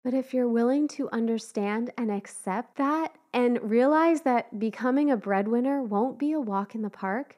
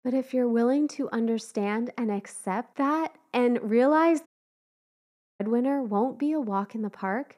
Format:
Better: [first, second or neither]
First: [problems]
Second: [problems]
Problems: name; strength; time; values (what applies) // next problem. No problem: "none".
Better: first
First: none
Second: audio cutting out; at 4.5 s for 1 s